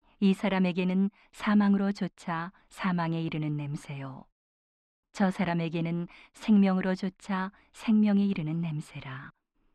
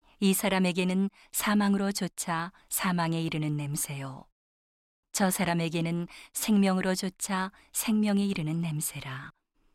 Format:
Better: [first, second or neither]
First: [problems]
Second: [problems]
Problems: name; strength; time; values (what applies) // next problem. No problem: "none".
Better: second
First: muffled; slightly; fading above 3 kHz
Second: none